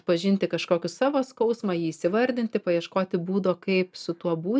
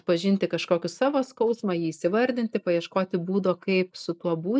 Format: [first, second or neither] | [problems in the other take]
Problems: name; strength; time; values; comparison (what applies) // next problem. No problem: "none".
first | noise reduction (neural mask model Resemble Enhance denoiser)